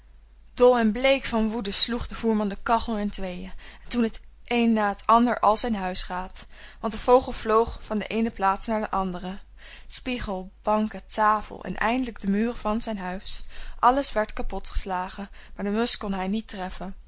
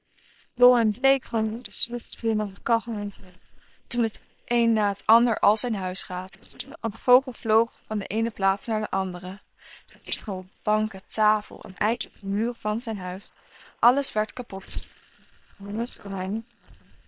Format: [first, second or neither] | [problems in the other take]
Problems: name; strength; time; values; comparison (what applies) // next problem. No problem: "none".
first | noise reduction (neural separator model SepFormer WHAM!)